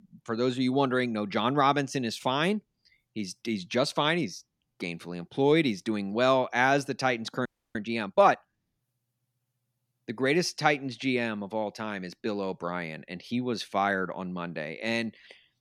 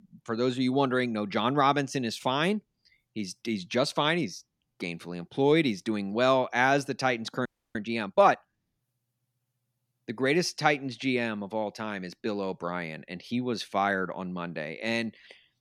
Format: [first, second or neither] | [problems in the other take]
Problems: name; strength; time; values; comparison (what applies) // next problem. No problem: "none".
neither | audio freezing; at 7.5 s; the same in both